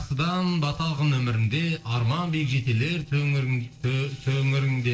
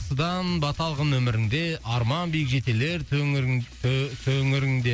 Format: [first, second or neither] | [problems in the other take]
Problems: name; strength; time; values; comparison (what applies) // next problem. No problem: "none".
second | noise reduction (neural separator model SepFormer DNS4)